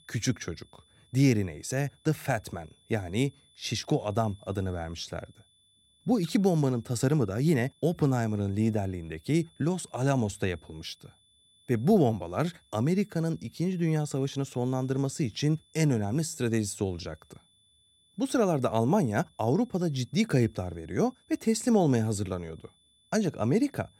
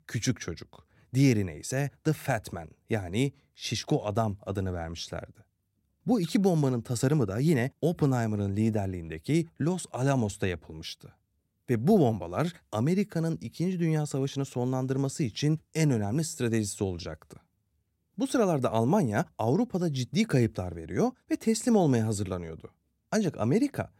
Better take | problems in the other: second | high-pitched whine; faint; throughout; 3.5 kHz, 35 dB below the speech

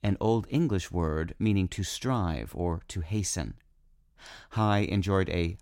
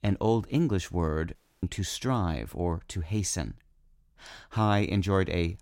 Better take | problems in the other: first | audio cutting out; at 1.5 s

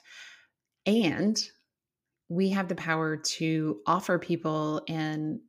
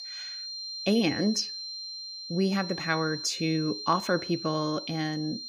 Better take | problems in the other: first | high-pitched whine; loud; throughout; 4 kHz, 7 dB below the speech

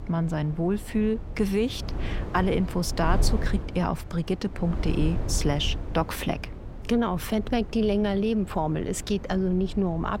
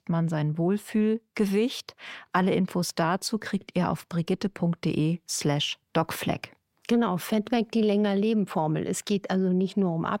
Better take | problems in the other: second | wind noise on the microphone; occasional gusts; 15 dB below the speech

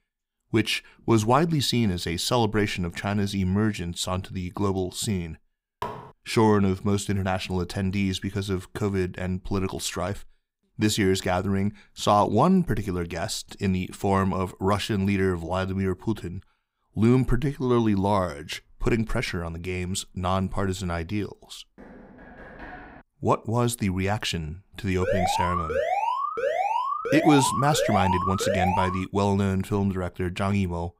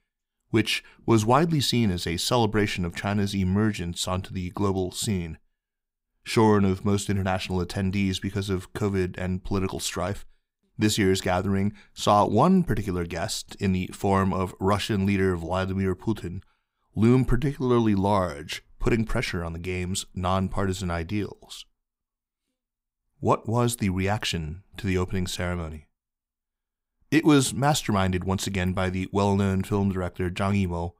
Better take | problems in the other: second | clattering dishes; faint; at 6 s; peak 10 dB below the speech // door banging; faint; from 22 to 23 s; peak 15 dB below the speech // alarm; loud; from 25 to 29 s; peak 1 dB above the speech

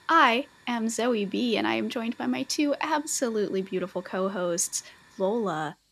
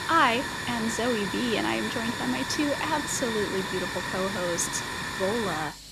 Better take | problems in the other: first | hiss; loud; throughout; 2 dB below the speech; faint in the first

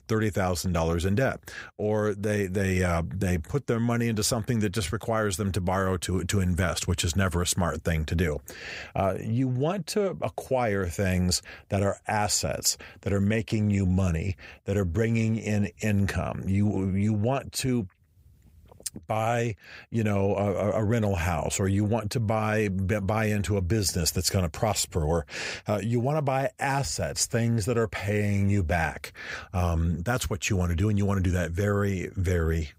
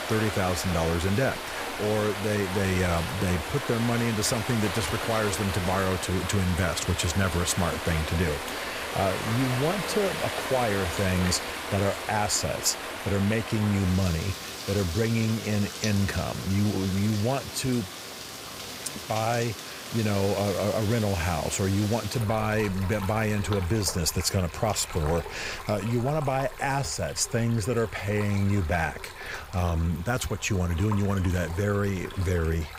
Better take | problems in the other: first | rain or running water; loud; throughout; 7 dB below the speech

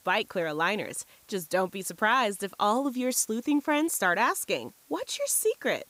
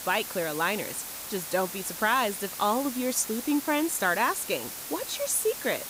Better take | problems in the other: first | hiss; loud; throughout; 7 dB below the speech; faint in the first

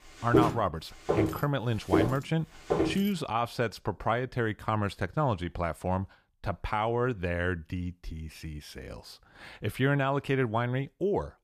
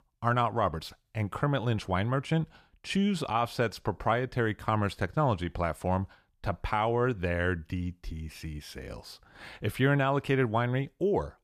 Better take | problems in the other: second | footsteps; loud; until 3 s; peak 4 dB above the speech

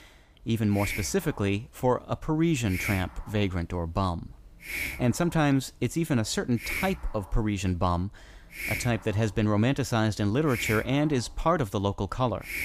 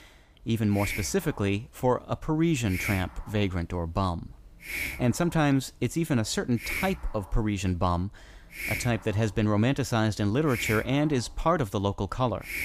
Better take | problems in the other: neither | hiss; loud; throughout; 7 dB below the speech; the same in both

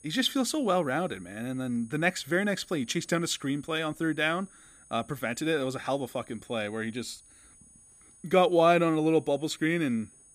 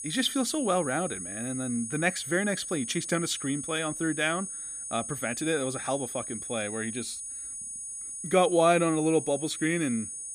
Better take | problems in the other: first | high-pitched whine; loud; throughout; 9.5 kHz, 6 dB below the speech; faint in the first

